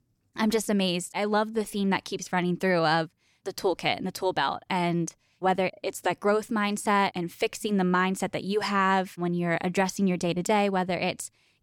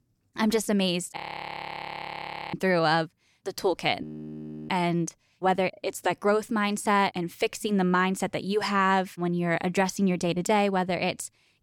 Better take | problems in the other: first | audio freezing; at 1 s for 1.5 s and at 4 s for 0.5 s

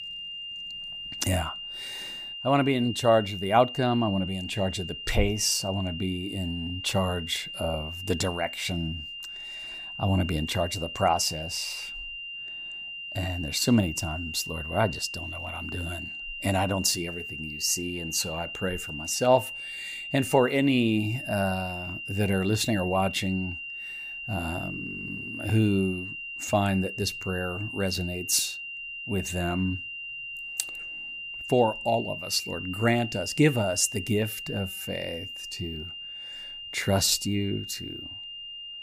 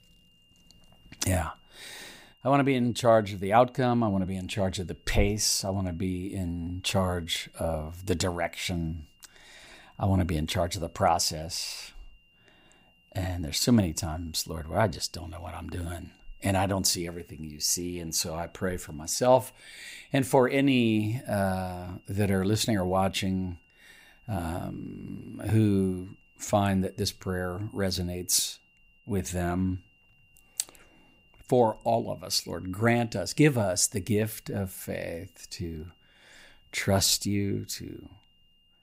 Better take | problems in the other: second | high-pitched whine; loud; throughout; 3 kHz, 8 dB below the speech; faint in the second

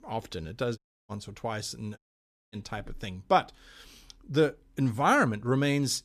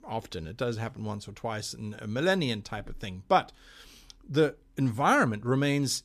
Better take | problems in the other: second | audio cutting out; at 1 s and at 2 s for 0.5 s

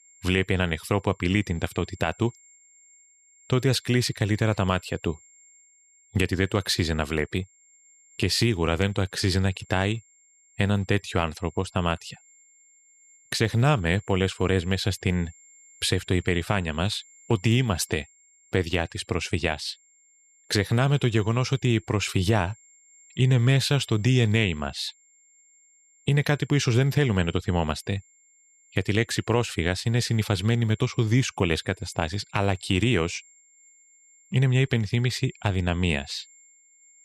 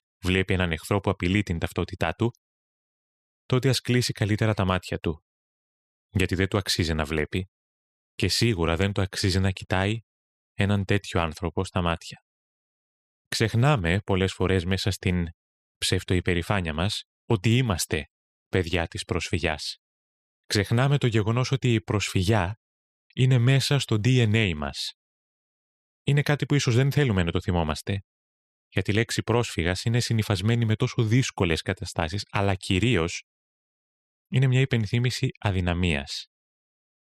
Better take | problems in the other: second | high-pitched whine; faint; throughout; 7.5 kHz, 30 dB below the speech

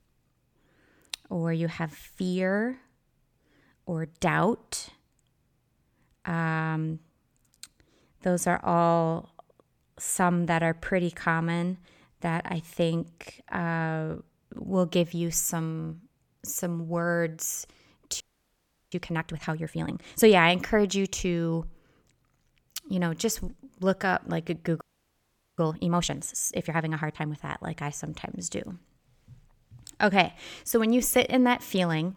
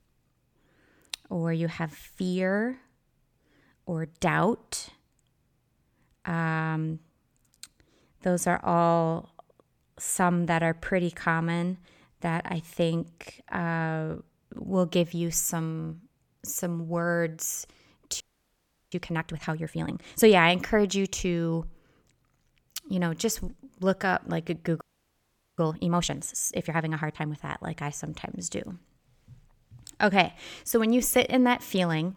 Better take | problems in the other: neither | audio freezing; at 18 s for 0.5 s and at 25 s for 1 s; the same in both

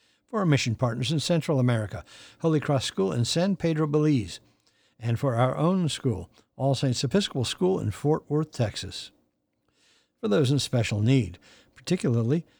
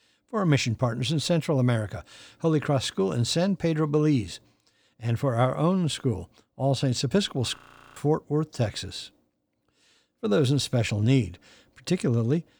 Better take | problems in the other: first | audio freezing; at 7.5 s

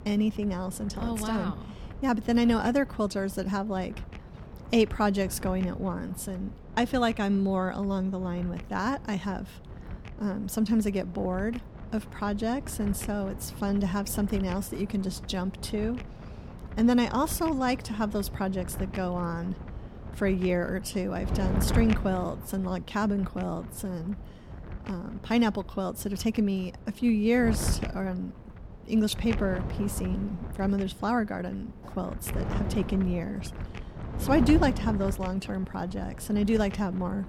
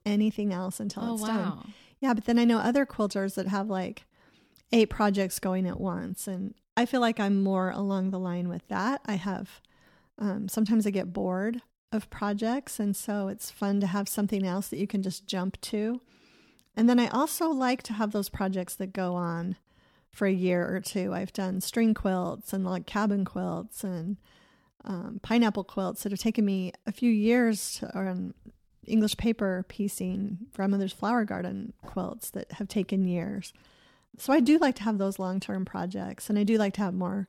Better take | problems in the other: second | wind noise on the microphone; occasional gusts; 15 dB below the speech

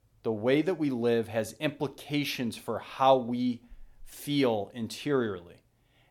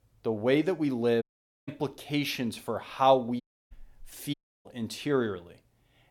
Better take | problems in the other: first | audio cutting out; at 1 s, at 3.5 s and at 4.5 s

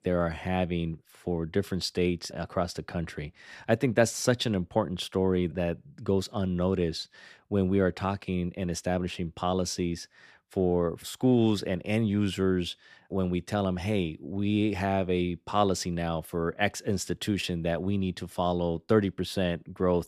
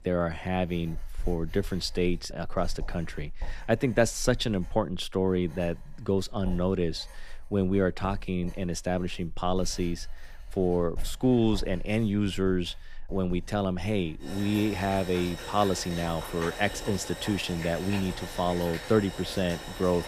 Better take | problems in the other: first | household noises; noticeable; throughout; 15 dB below the speech

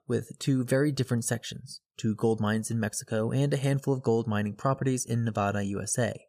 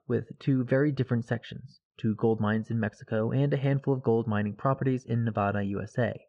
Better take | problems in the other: first | muffled; very; fading above 2.5 kHz

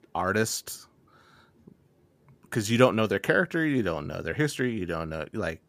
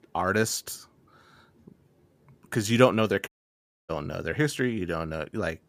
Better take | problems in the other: first | audio cutting out; at 3.5 s for 0.5 s

